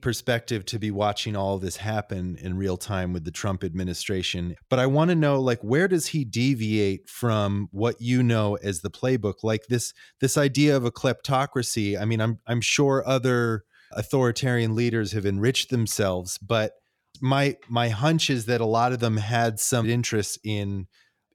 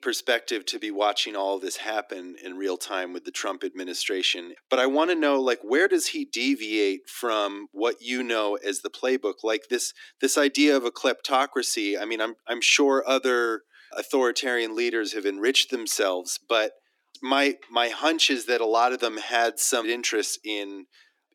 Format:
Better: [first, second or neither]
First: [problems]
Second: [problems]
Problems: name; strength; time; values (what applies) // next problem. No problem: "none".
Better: first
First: none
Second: thin; somewhat; fading below 250 Hz